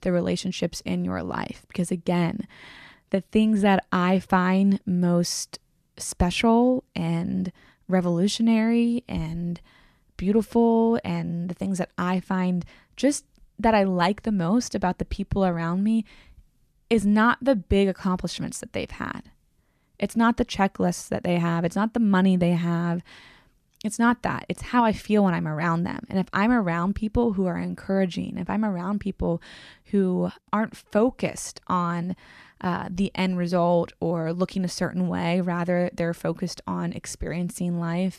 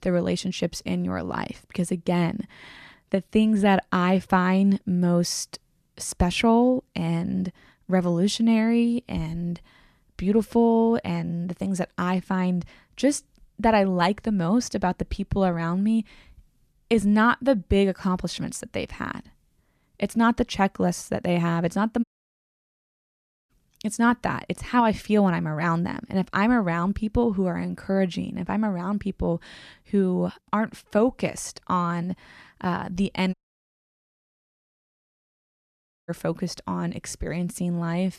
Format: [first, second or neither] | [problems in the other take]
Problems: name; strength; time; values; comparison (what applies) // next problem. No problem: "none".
first | audio cutting out; at 22 s for 1.5 s and at 33 s for 2.5 s